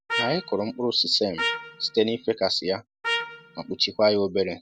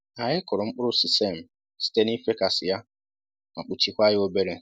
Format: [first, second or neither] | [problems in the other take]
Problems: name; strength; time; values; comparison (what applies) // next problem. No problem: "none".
second | background sound (Trumpet); 7 dB below the speech